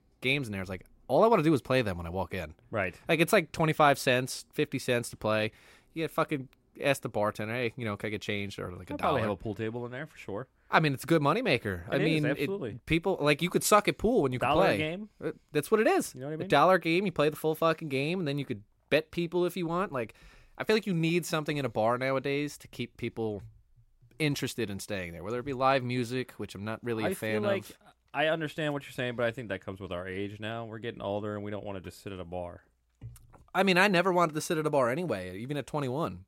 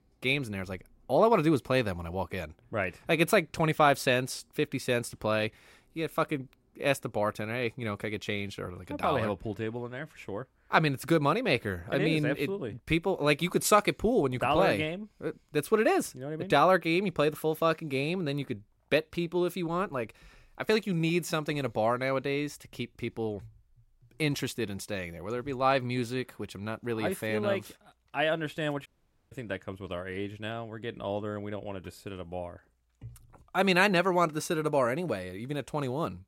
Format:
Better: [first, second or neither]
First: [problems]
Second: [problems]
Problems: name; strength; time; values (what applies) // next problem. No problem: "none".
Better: first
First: none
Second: audio cutting out; at 29 s